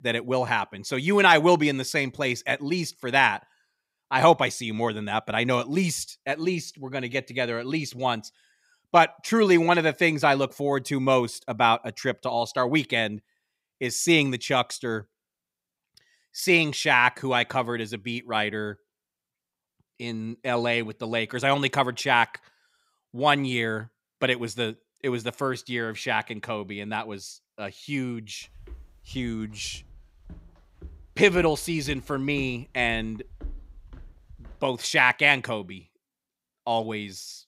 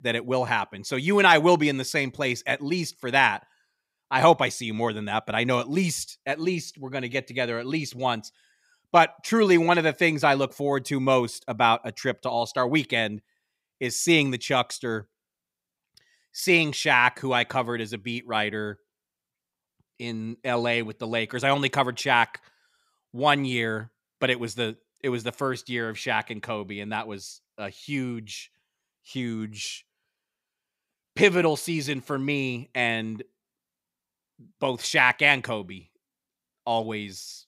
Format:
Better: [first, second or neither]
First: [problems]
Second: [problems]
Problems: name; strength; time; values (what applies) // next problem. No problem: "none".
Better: second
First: footsteps; faint; from 29 to 35 s; peak 20 dB below the speech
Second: none